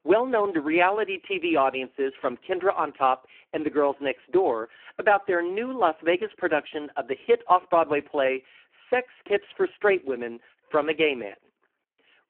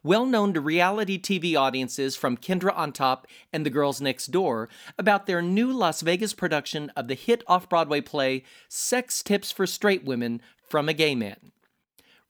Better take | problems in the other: second | phone-call audio; poor line

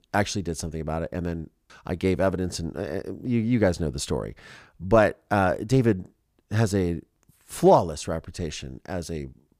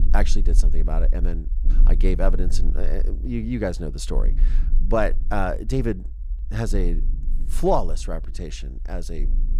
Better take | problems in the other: first | low rumble; faint; throughout; 20 dB below the speech

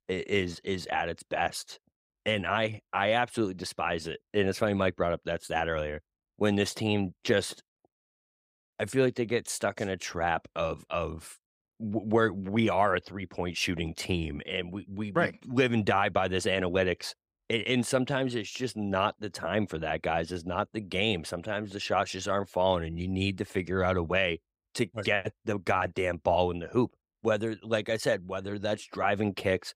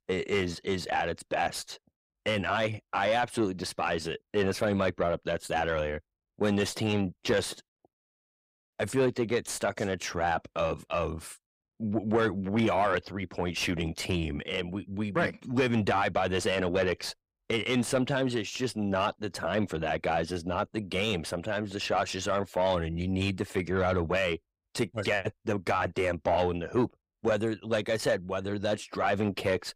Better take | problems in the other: first | distortion; slight; 10 dB below the speech

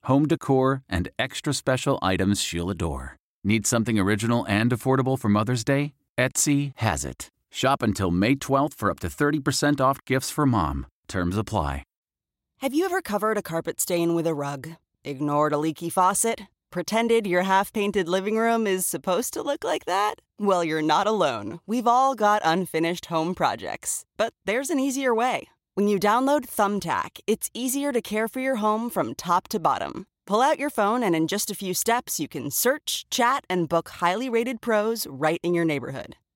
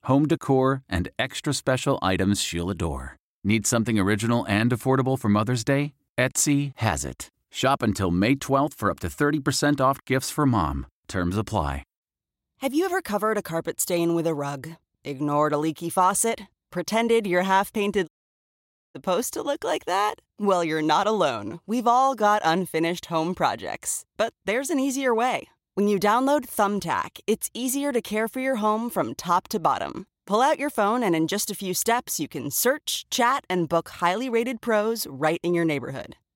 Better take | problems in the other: first | audio cutting out; at 18 s for 1 s

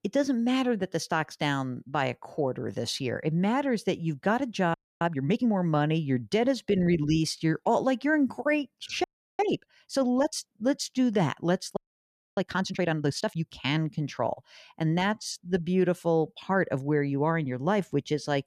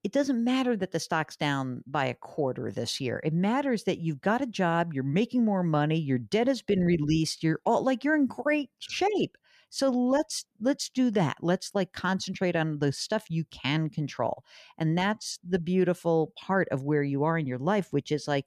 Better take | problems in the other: second | audio freezing; at 4.5 s, at 9 s and at 12 s for 0.5 s

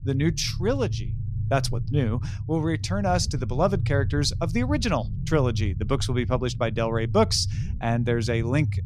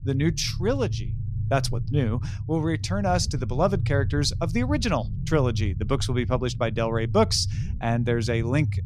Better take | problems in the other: neither | low rumble; noticeable; throughout; 15 dB below the speech; the same in both

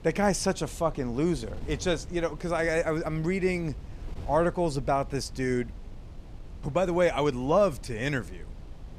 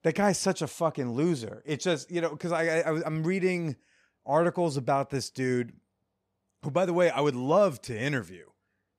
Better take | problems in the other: second | wind noise on the microphone; occasional gusts; 25 dB below the speech

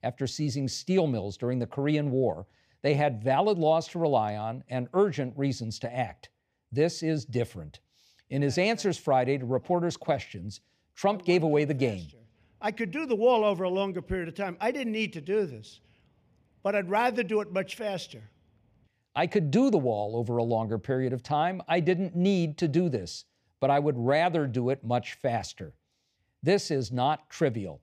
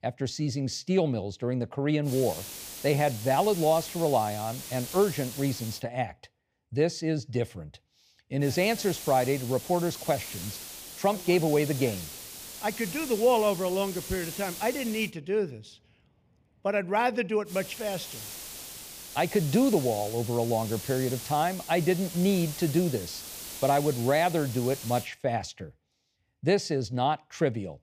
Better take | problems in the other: first | hiss; noticeable; from 2 to 6 s, from 8.5 to 15 s and from 17 to 25 s; 10 dB below the speech

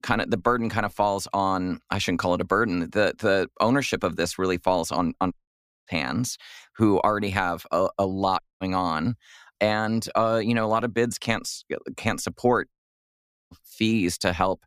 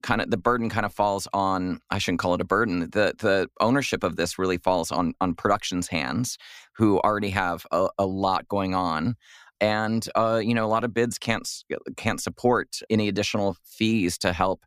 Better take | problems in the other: second | audio cutting out; at 5.5 s for 0.5 s, at 8.5 s and at 13 s for 1 s

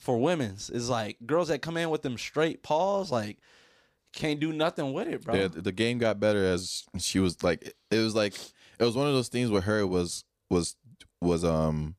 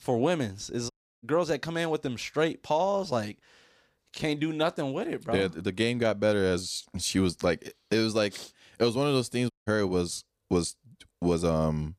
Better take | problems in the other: first | audio cutting out; at 1 s and at 9.5 s

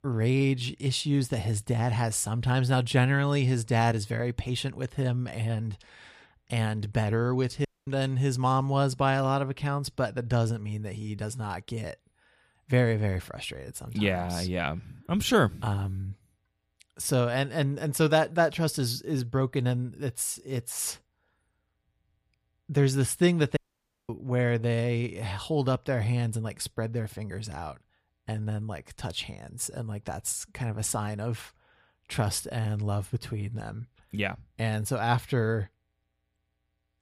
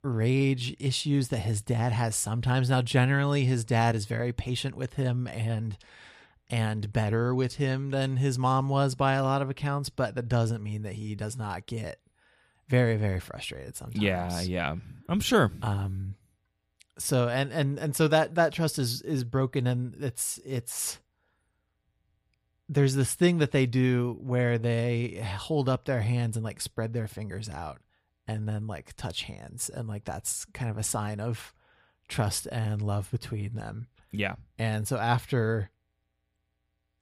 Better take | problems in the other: second | audio cutting out; at 7.5 s and at 24 s for 0.5 s

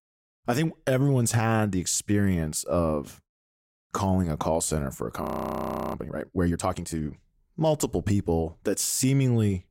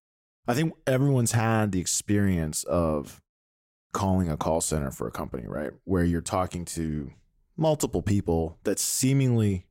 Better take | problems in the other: second | audio freezing; at 5 s for 0.5 s

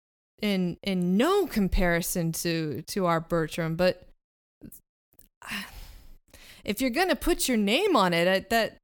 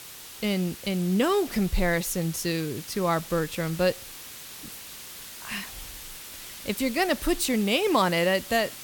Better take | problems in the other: first | hiss; noticeable; throughout; 15 dB below the speech

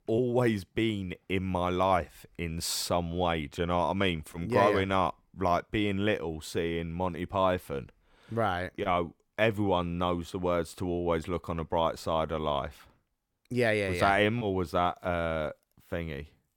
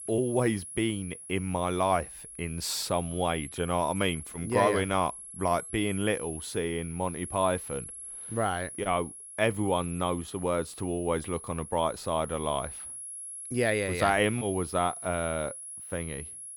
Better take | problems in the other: first | high-pitched whine; noticeable; throughout; 10.5 kHz, 10 dB below the speech

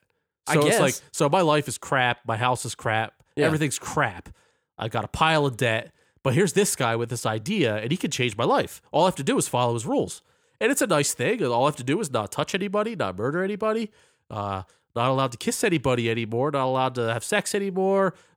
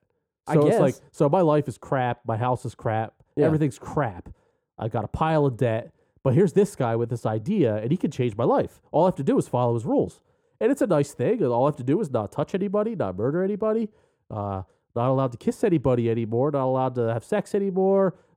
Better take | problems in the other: first | muffled; slightly; fading above 1.5 kHz

